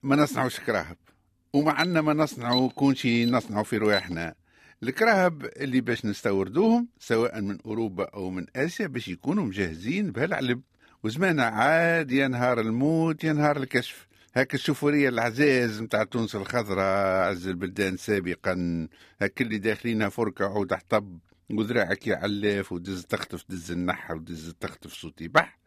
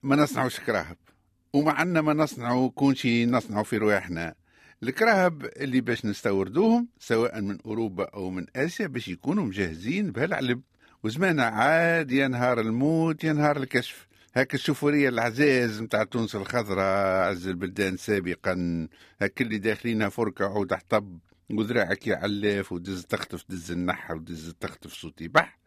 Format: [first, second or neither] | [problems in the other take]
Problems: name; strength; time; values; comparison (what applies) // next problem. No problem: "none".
second | alarm; noticeable; from 2 to 4 s; peak 4 dB below the speech